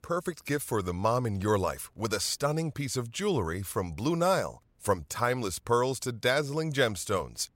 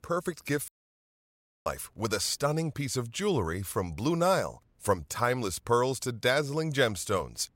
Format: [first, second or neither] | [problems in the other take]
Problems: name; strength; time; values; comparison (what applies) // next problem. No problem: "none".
first | audio cutting out; at 0.5 s for 1 s